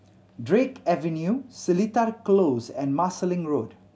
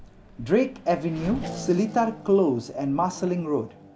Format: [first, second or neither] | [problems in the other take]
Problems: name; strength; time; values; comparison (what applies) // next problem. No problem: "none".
first | background sound (Race car, auto racing / Accelerating, revving, vroom); 14 dB below the speech